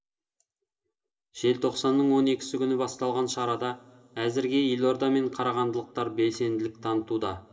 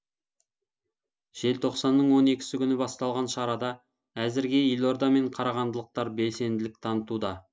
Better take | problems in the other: second | room echo; dies away in 2.2 s

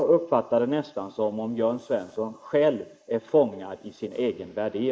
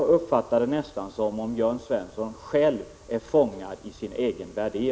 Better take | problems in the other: second | noise reduction (neural mask model Resemble Enhance denoiser)

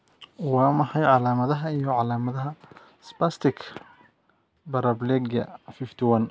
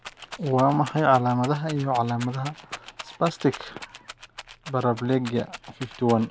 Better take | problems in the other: first | background sound (Rattle); 17 dB below the speech

